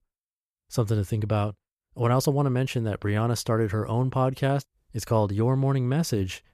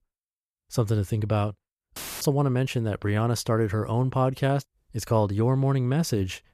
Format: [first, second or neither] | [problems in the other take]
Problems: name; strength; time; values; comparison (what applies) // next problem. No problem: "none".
first | audio cutting out; filled with static; at 2 s